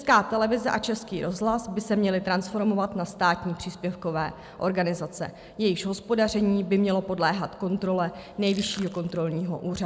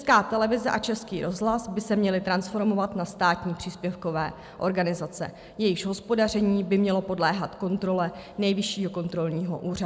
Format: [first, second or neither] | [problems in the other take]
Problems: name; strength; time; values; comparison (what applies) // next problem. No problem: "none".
second | background sound (Crushing); 20 dB below the speech